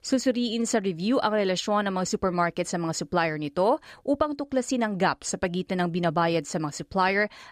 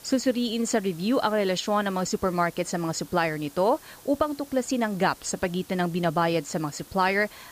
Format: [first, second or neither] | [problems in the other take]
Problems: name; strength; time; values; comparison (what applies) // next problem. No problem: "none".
first | hiss; faint; throughout; 20 dB below the speech